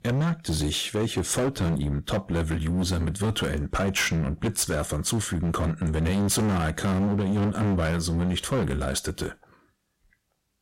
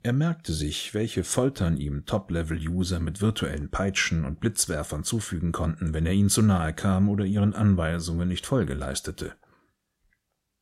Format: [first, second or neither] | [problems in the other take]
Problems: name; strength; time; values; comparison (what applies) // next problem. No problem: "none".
second | distortion; heavy; 21% of the sound clipped